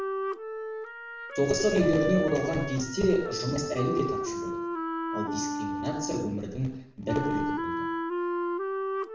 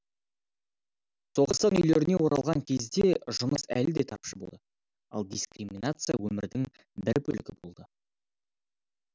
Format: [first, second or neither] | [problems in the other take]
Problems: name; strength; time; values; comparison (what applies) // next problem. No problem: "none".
second | background sound (Wind instrument, woodwind instrument); 2 dB below the speech // room echo; dies away in 0.7 s